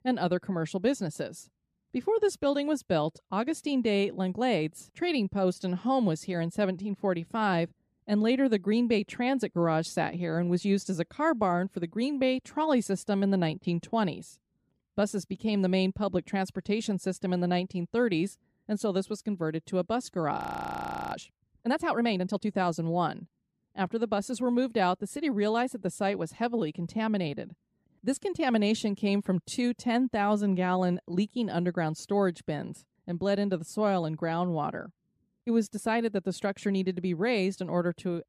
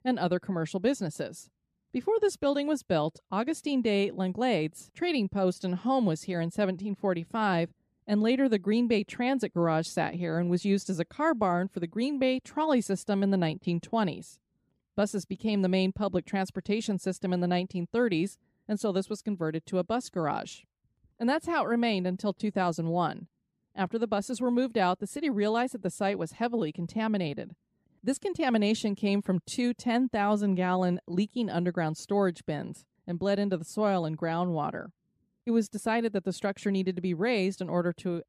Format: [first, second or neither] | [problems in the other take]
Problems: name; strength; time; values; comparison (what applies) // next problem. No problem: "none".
second | audio freezing; at 20 s for 0.5 s